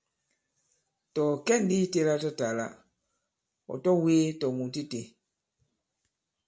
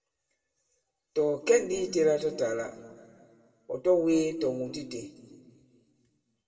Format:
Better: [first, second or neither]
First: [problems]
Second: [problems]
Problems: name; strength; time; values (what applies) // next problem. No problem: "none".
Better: first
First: none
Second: room echo; dies away in 1.9 s